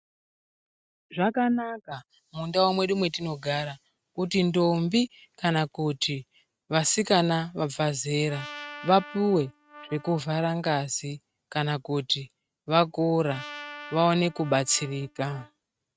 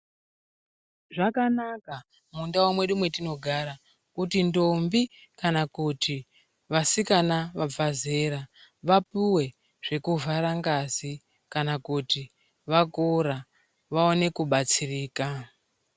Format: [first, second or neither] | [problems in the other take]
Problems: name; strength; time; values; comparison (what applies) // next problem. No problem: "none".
second | noise reduction (neural mask model RNNoise)